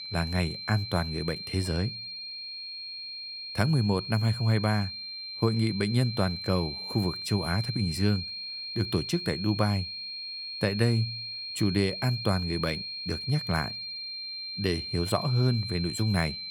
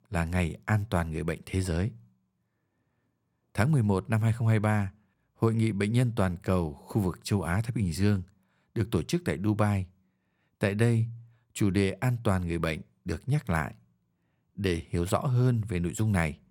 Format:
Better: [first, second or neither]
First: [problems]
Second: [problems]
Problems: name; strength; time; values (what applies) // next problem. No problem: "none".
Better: second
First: high-pitched whine; loud; throughout; 4 kHz, 6 dB below the speech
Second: none